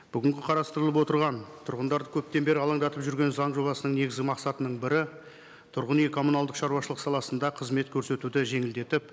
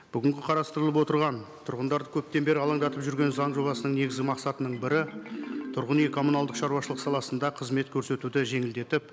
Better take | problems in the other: first | background sound (Marimba, xylophone); 14 dB below the speech

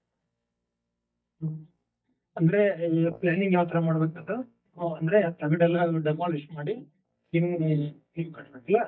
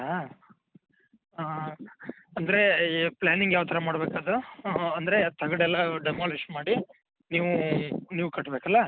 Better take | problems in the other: second | noise reduction (neural mask model DeepFilterNet 3)

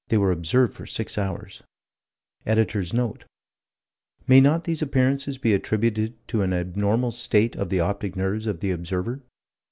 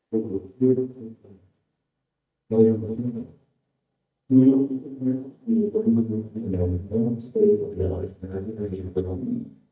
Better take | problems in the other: first | noise reduction (neural mask model DeepFilterNet 3)

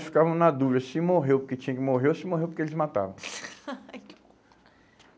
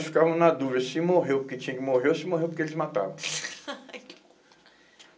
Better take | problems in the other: first | room echo; dies away in 0.2 s

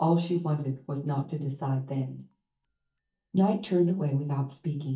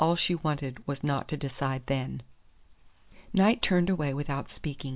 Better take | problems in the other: second | noise reduction (neural mask model DeepFilterNet 3)

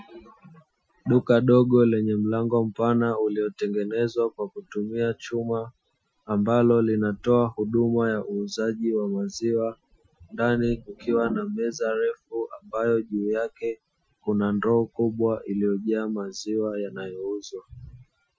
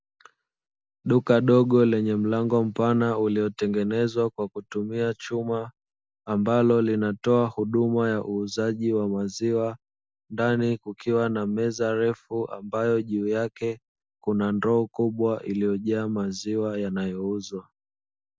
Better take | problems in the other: second | noise reduction (classical method Wiener filter)

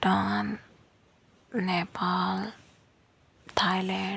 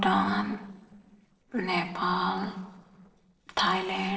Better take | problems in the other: first | noise reduction (neural separator model SepFormer DNS4)

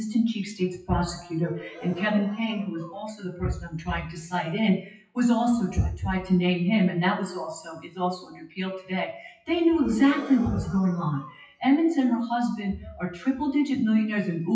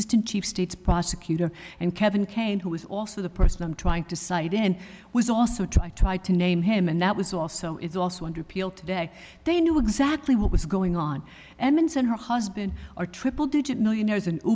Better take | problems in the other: second | noise reduction (classical method WPE with log-MMSE)

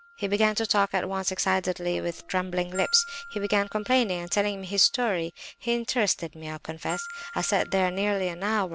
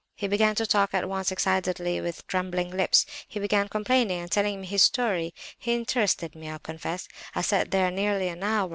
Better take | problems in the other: second | background sound (Gong + Glockenspiel); 18 dB below the speech

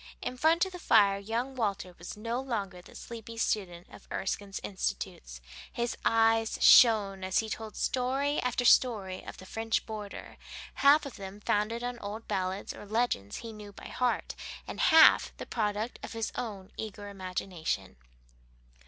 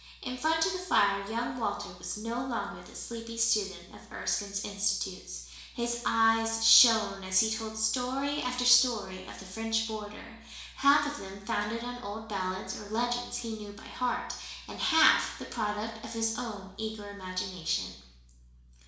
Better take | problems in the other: first | room echo; dies away in 0.7 s

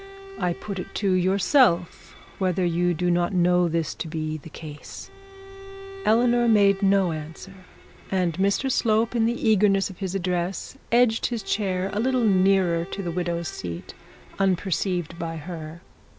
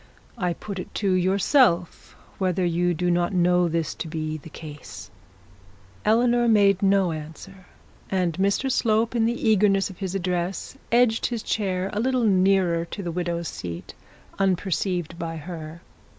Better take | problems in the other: second | background sound (Bowed string instrument); 20 dB below the speech

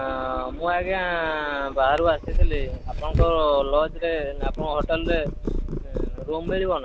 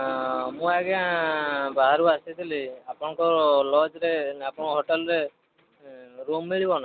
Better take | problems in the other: second | background sound (Purr); 2 dB below the speech

